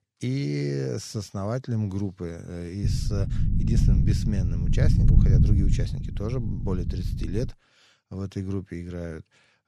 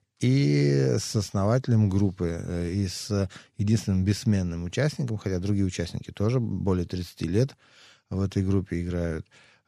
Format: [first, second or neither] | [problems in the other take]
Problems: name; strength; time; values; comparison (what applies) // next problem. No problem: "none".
second | low rumble; loud; from 3 to 7.5 s; 2 dB below the speech